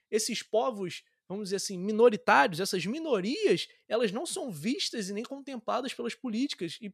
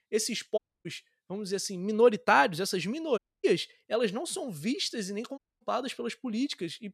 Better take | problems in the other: first | audio cutting out; at 0.5 s, at 3 s and at 5.5 s

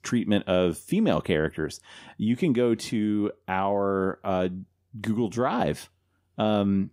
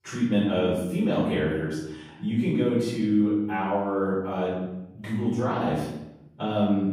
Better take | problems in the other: first | room echo; noticeable; dies away in 0.9 s // off-mic speech; far

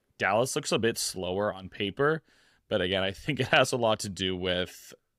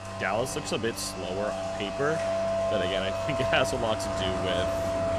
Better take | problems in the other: first | rain or running water; very loud; throughout; as loud as the speech

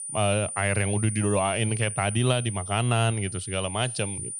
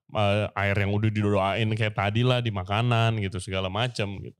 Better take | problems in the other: second | high-pitched whine; loud; throughout; 9.5 kHz, 7 dB below the speech

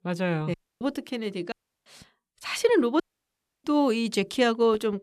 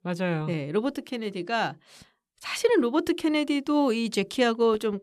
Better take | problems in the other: second | audio cutting out; at 0.5 s, at 1.5 s and at 3 s for 0.5 s

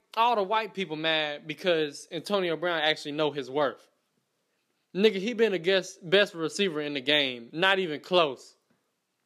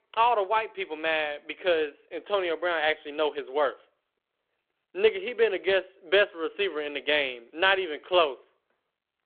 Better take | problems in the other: first | phone-call audio

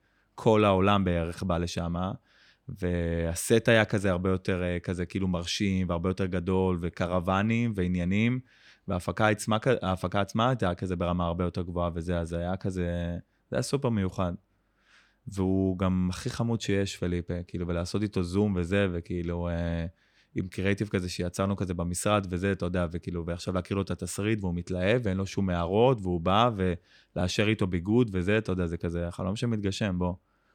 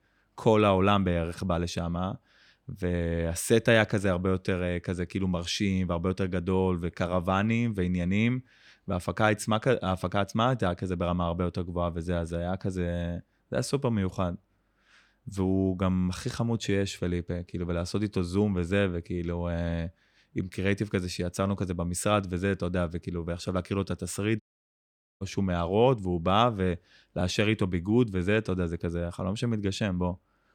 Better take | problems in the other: first | audio cutting out; at 24 s for 1 s

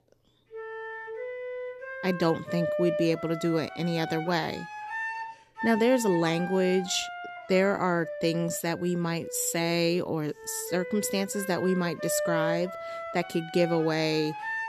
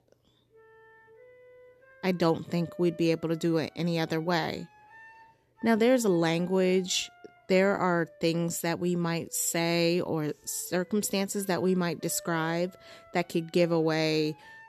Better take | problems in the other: second | background music; loud; throughout; 8 dB below the speech; faint in the second

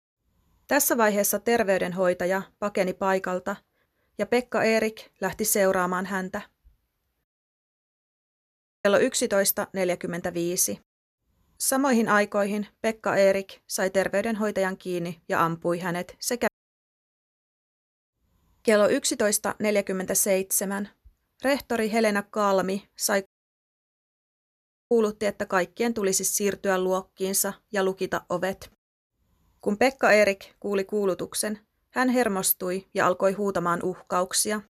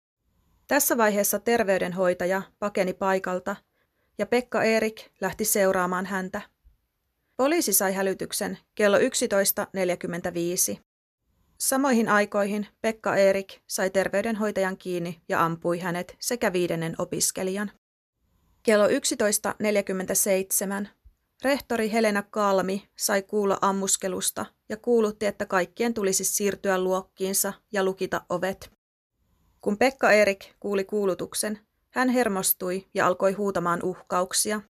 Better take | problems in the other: second | audio cutting out; at 7 s for 1.5 s, at 16 s for 1.5 s and at 23 s for 1.5 s

